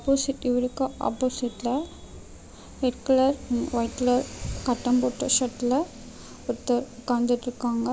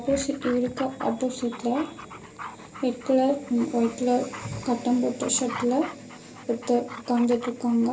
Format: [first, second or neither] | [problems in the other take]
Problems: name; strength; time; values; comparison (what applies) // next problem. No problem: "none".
first | background sound (Dog); 16 dB below the speech // room echo; dies away in 0.3 s